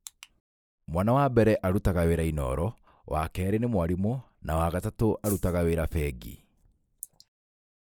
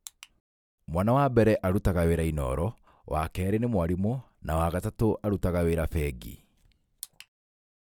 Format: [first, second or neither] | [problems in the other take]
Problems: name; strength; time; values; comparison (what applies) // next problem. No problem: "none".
second | noise reduction (neural mask model Resemble Enhance denoiser)